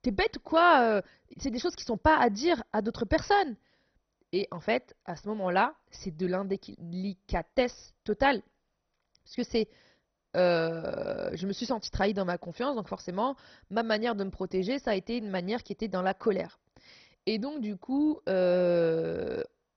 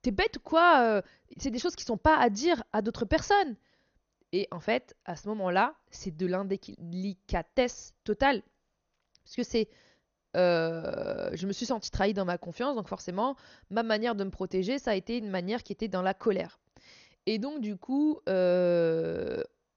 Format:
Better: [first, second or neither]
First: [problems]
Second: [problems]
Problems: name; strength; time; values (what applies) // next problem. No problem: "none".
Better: second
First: garbled, watery; badly; nothing above 6 kHz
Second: garbled, watery; slightly; nothing above 6.5 kHz